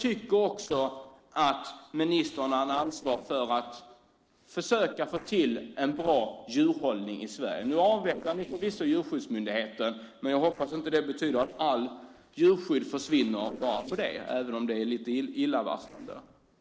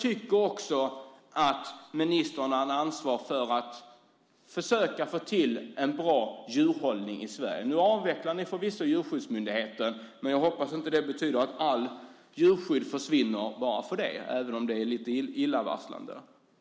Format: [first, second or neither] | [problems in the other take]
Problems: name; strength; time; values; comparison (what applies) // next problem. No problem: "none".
second | noise reduction (neural separator model SepFormer DNS4)